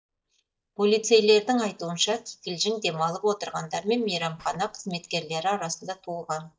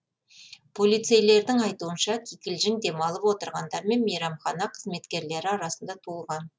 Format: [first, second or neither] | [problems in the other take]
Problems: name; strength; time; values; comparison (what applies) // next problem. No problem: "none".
second | noise reduction (neural mask model DeepFilterNet 3)